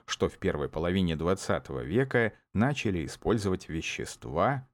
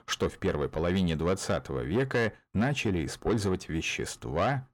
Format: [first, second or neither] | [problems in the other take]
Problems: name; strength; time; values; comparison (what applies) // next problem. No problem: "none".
first | distortion; slight; 10 dB below the speech